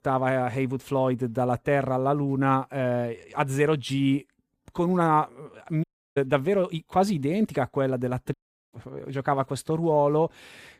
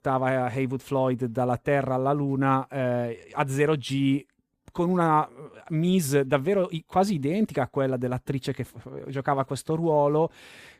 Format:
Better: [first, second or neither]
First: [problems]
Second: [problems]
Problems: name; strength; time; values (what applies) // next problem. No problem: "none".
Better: second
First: audio cutting out; at 6 s and at 8.5 s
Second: none